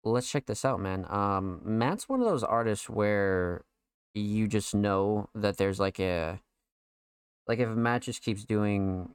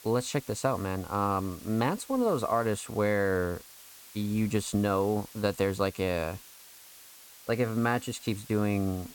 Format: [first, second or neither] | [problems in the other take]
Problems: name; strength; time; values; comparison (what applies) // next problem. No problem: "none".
first | hiss; noticeable; throughout; 20 dB below the speech